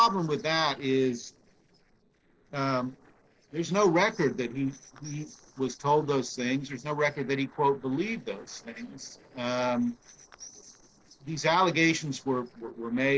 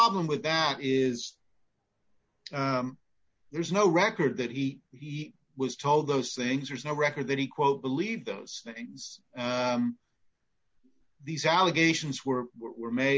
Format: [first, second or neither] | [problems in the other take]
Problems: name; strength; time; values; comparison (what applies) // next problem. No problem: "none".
second | noise reduction (neural separator model SepFormer DNS4)